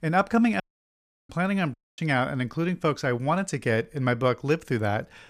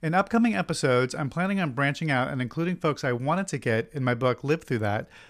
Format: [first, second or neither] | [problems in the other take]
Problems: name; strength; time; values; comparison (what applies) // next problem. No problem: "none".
second | audio cutting out; at 0.5 s for 0.5 s and at 1.5 s